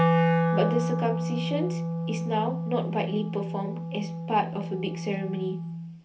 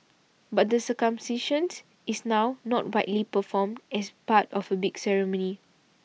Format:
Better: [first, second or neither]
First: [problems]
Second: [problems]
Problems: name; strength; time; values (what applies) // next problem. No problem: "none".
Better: second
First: background sound (Wind instrument, woodwind instrument); 2 dB above the speech // room echo; dies away in 0.3 s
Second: none